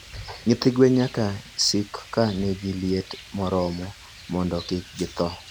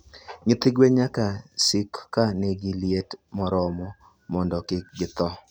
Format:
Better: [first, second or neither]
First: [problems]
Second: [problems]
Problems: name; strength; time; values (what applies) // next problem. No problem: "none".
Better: second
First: background sound (Rain); 18 dB below the speech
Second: none